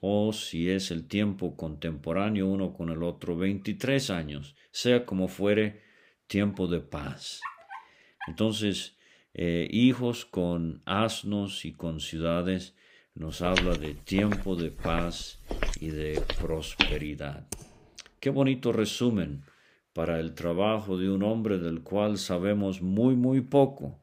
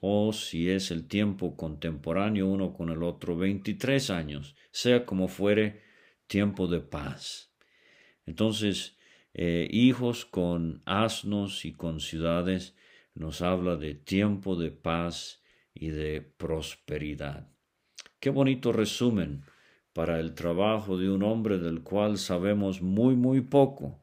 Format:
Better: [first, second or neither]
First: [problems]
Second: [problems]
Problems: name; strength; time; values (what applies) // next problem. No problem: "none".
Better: second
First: dog barking; faint; at 7.5 s; peak 10 dB below the speech // footsteps; loud; from 13 to 17 s; peak 2 dB above the speech // keyboard typing; faint; at 18 s; peak 15 dB below the speech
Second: none